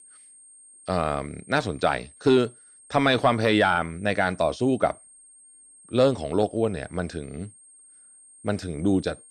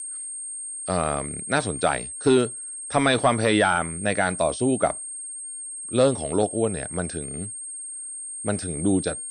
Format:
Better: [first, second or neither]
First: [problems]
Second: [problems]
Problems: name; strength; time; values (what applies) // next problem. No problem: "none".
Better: first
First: high-pitched whine; faint; throughout; 8.5 kHz, 25 dB below the speech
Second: high-pitched whine; loud; throughout; 8.5 kHz, 8 dB below the speech